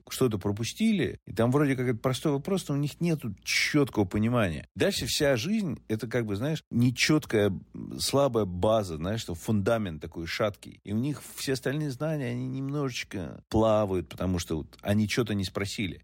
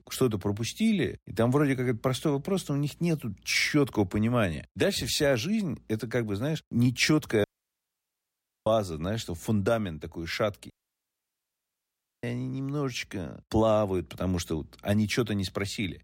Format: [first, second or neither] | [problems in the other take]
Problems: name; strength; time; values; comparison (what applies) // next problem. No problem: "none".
first | audio cutting out; at 7.5 s for 1 s and at 11 s for 1.5 s